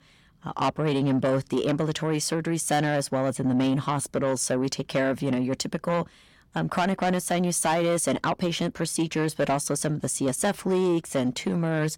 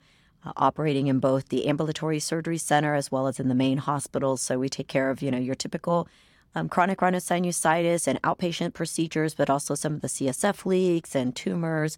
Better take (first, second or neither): second